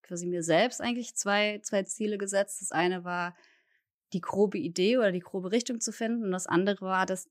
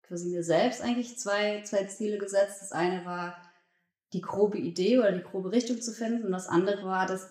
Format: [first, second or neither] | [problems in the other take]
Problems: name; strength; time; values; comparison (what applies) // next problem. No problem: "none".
first | room echo; very slight; dies away in 0.5 s